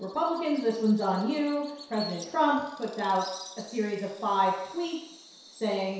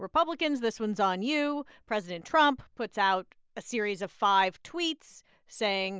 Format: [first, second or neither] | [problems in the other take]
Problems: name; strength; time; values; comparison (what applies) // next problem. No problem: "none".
second | background sound (Bird vocalization, bird call, bird song); 19 dB below the speech // room echo; dies away in 0.7 s